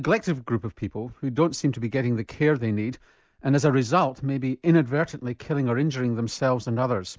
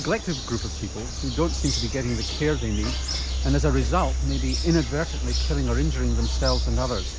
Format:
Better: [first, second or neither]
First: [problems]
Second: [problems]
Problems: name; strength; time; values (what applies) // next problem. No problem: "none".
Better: first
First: none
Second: background sound (Bird vocalization, bird call, bird song); 1 dB above the speech